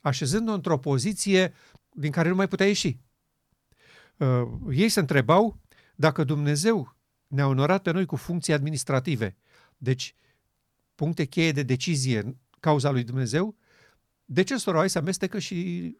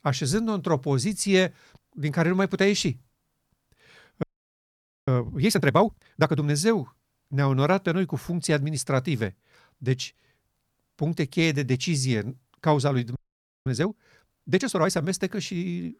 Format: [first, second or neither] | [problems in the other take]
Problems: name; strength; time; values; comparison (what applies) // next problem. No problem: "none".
first | audio freezing; at 4 s for 1 s and at 13 s for 0.5 s